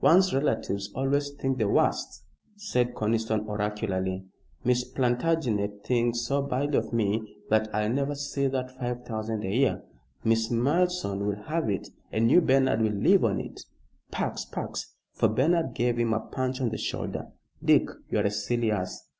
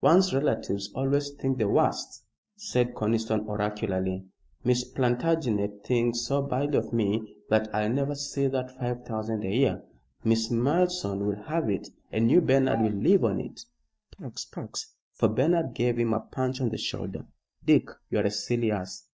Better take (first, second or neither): first